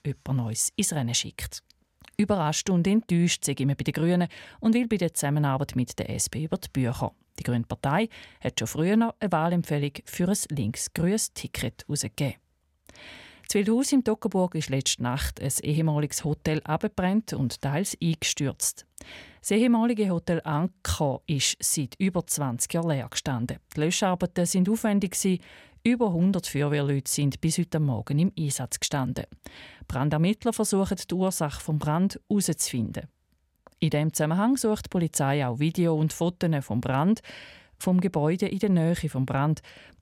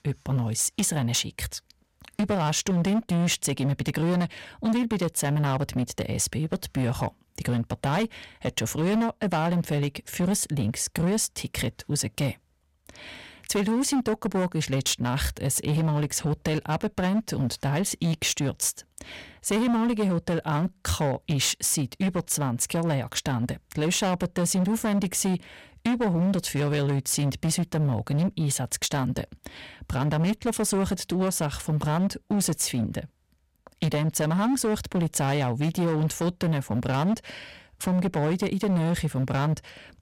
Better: first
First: none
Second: distortion; slight; 16% of the sound clipped

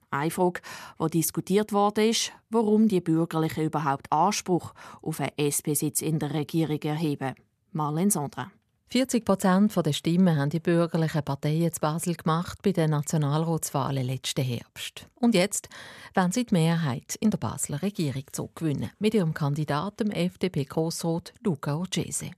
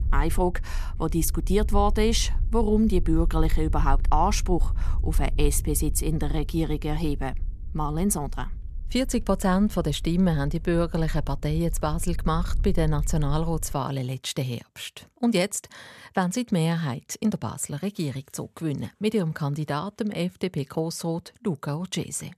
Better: first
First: none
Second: low rumble; faint; until 14 s; 25 dB below the speech

